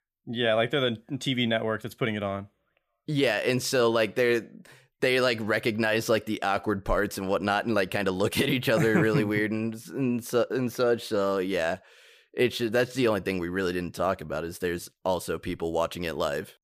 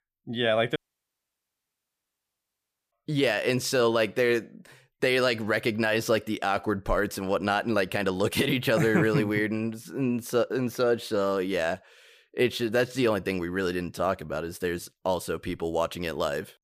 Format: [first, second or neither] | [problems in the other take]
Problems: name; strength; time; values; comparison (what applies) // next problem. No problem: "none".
first | audio cutting out; at 1 s for 2 s